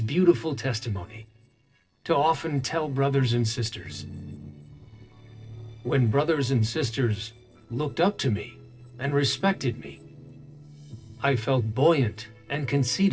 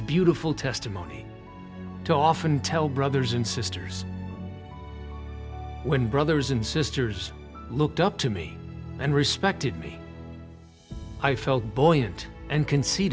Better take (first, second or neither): second